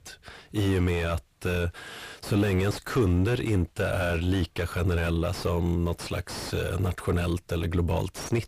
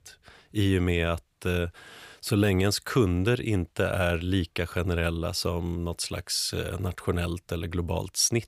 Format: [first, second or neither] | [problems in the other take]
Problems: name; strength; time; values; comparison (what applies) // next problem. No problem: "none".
second | distortion; heavy; 5 dB below the speech